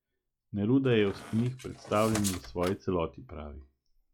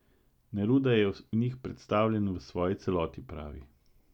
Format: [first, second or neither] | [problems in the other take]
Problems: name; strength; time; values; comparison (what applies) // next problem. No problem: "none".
second | noise reduction (classical method log-MMSE)